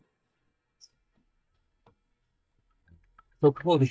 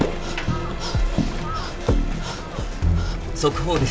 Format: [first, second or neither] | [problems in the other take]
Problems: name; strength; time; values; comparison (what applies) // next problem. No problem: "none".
second | noise reduction (neural mask model DeepFilterNet 3)